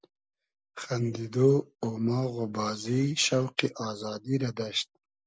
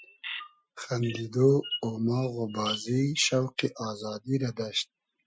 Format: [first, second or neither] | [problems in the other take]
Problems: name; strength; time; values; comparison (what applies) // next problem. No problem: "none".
first | noise reduction (classical method Wiener filter)